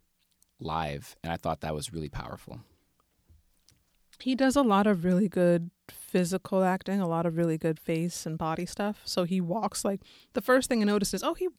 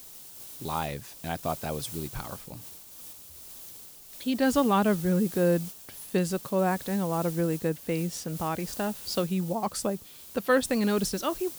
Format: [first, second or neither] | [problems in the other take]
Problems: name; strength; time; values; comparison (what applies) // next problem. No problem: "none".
first | hiss; noticeable; throughout; 10 dB below the speech